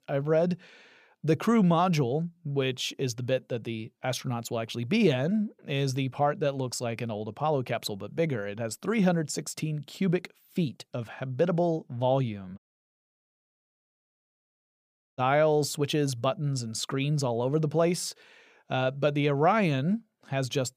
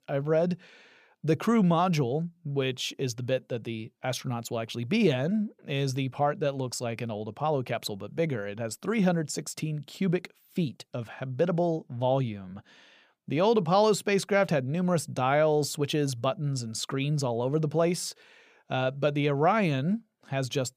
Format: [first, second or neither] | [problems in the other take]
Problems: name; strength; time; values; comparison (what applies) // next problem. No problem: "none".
second | audio cutting out; at 13 s for 2.5 s